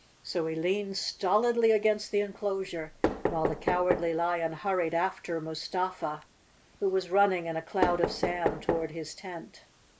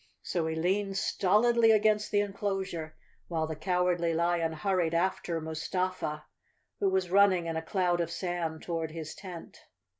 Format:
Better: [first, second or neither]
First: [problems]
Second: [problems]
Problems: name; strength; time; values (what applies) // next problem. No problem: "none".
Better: second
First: background sound (Knock); 7 dB below the speech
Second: none